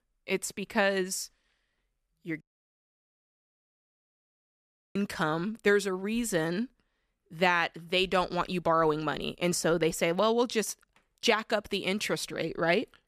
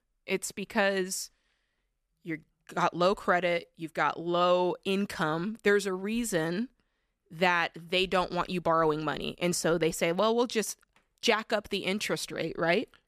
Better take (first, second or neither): second